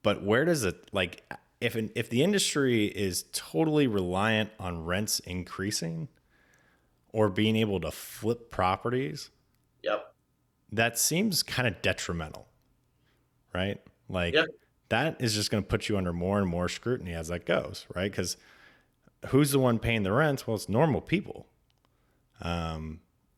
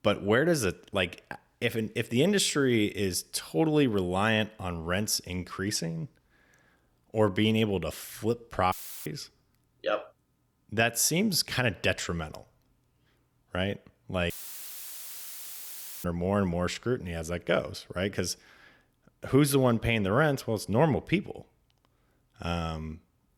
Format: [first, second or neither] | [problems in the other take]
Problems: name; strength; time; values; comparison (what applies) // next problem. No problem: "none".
first | audio cutting out; filled with static; at 8.5 s and at 14 s for 1.5 s